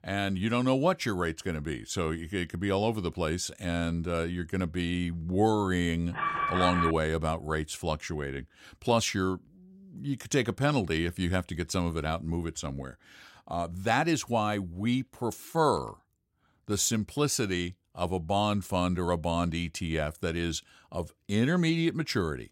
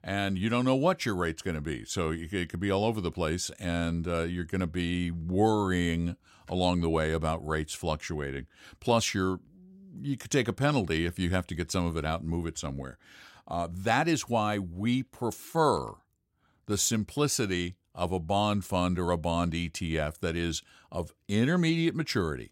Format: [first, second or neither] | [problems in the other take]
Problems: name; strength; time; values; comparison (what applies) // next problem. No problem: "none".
second | alarm; loud; at 6 s; peak 1 dB above the speech